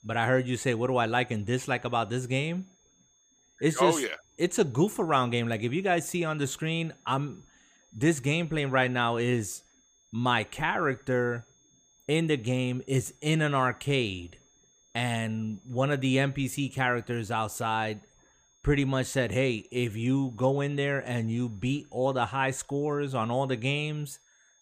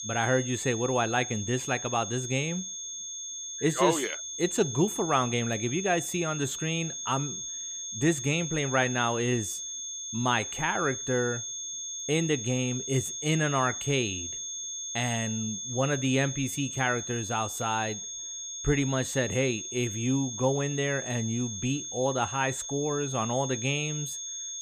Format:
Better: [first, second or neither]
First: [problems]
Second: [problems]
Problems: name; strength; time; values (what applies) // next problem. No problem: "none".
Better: first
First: high-pitched whine; faint; throughout; 6.5 kHz, 35 dB below the speech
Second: high-pitched whine; loud; throughout; 6.5 kHz, 5 dB below the speech